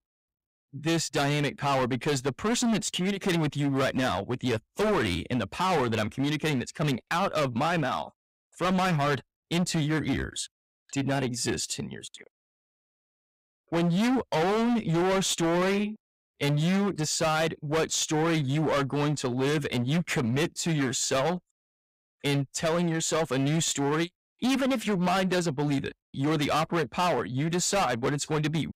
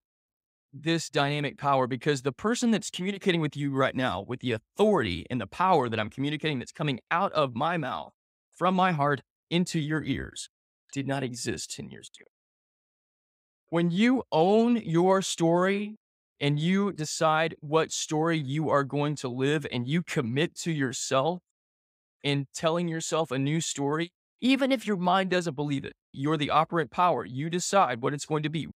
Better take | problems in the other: second | distortion; heavy; 19% of the sound clipped

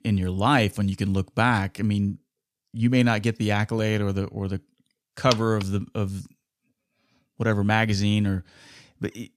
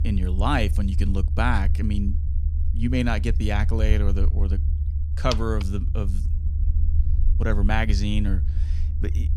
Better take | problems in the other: first | low rumble; noticeable; throughout; 15 dB below the speech

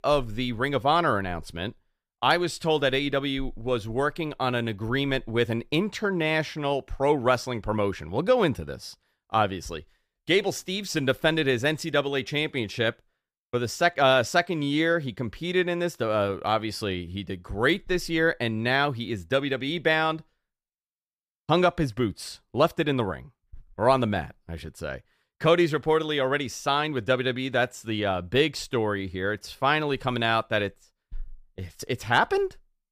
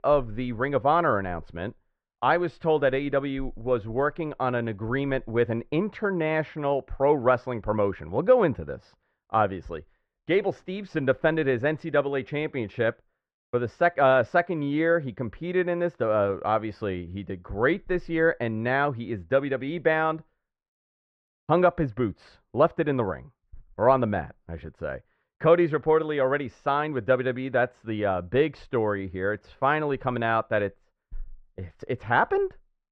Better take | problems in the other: first | muffled; very; fading above 1.5 kHz

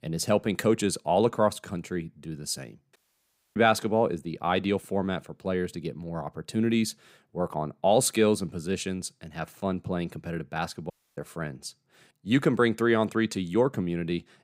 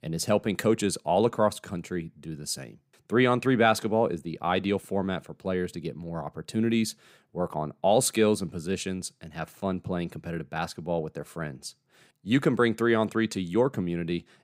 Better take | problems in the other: second | audio cutting out; at 3 s for 0.5 s and at 11 s

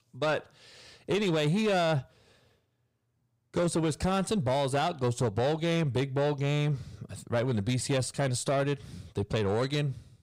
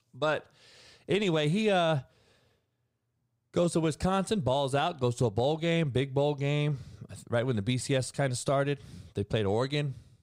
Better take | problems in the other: second | distortion; slight; 10 dB below the speech

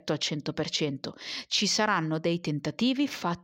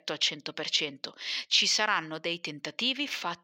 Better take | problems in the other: first | thin; somewhat; fading below 750 Hz

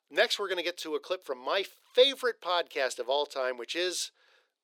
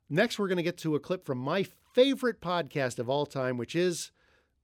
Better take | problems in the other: second | thin; very; fading below 450 Hz

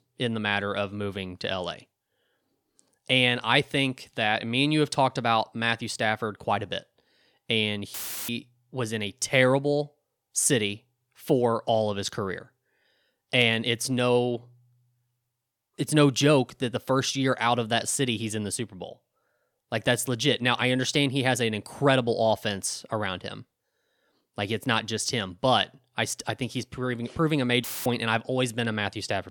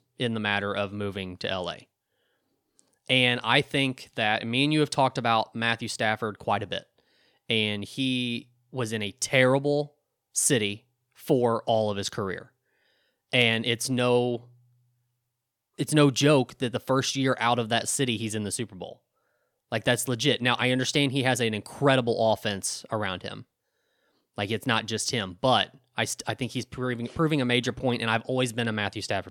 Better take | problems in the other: second | audio cutting out; filled with static; at 8 s and at 28 s

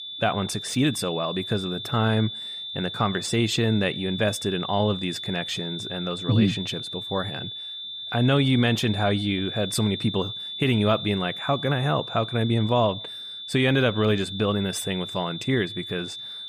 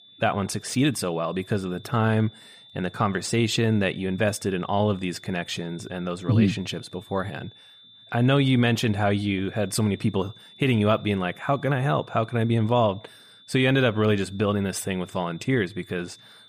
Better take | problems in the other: second | high-pitched whine; loud; throughout; 3.5 kHz, 7 dB below the speech; faint in the second

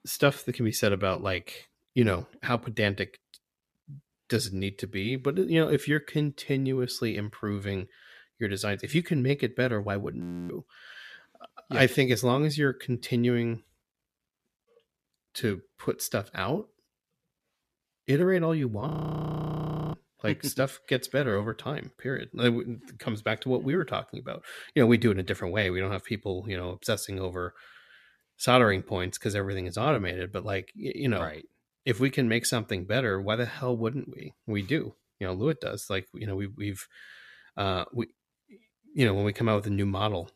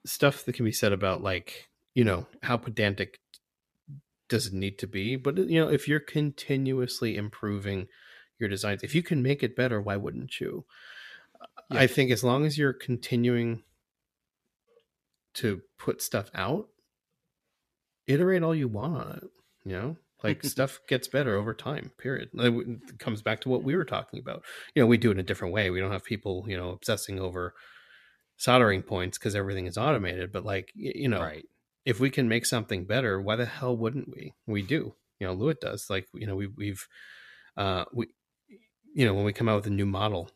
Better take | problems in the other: second | audio freezing; at 10 s and at 19 s for 1 s

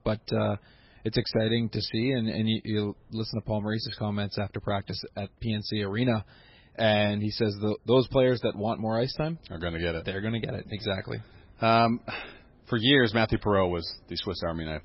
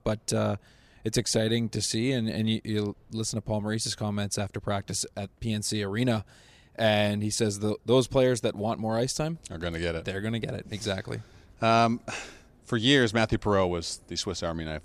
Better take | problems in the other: second | garbled, watery; badly; nothing above 5.5 kHz

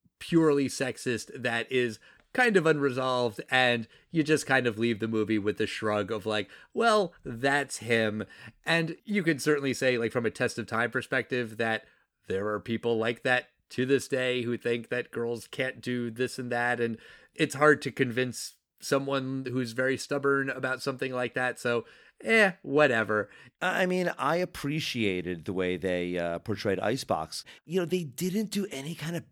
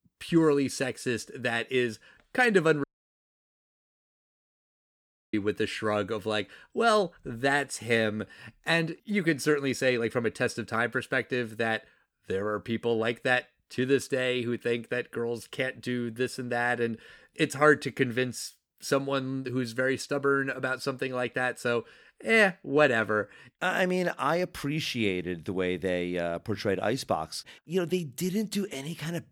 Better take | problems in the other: first | audio cutting out; at 3 s for 2.5 s

